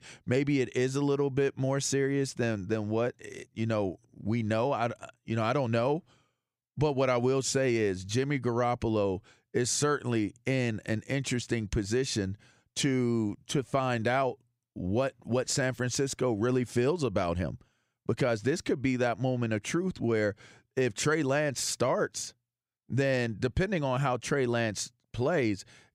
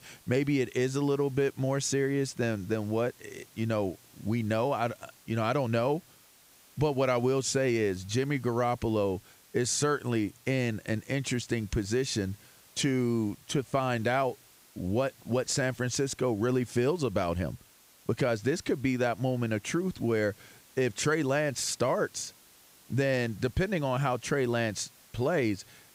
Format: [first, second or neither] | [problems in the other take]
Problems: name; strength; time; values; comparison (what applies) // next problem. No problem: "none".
first | hiss; faint; throughout; 25 dB below the speech